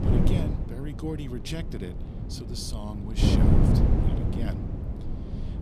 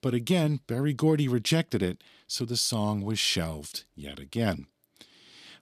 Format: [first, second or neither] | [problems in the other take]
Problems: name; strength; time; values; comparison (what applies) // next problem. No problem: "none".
second | wind noise on the microphone; heavy; 4 dB above the speech